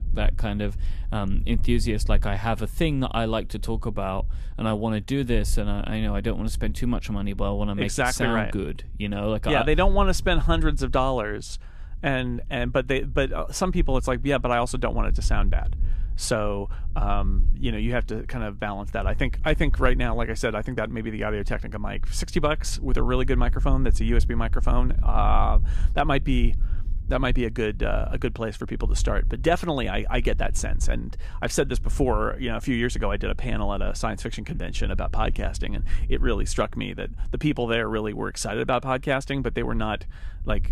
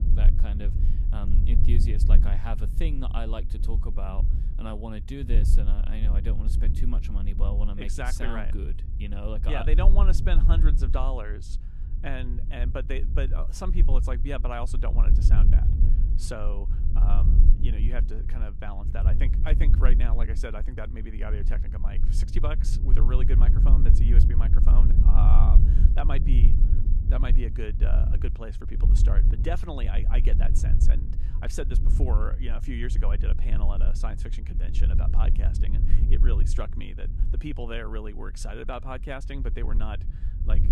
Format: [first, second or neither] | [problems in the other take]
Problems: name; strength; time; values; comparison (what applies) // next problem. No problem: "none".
first | low rumble; loud; throughout; 6 dB below the speech; faint in the first